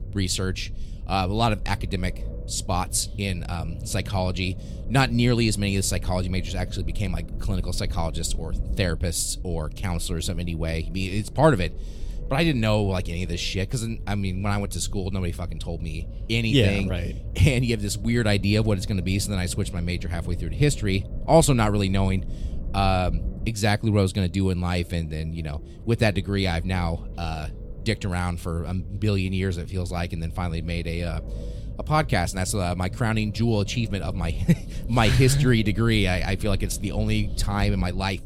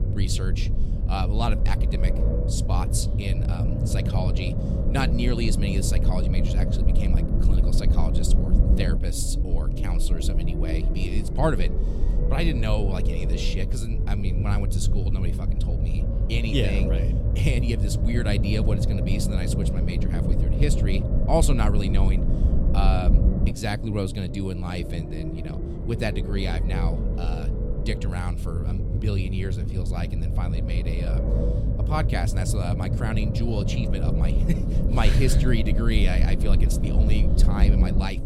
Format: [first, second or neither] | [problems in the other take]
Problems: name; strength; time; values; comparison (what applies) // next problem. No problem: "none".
first | low rumble; loud; throughout; 4 dB below the speech; faint in the first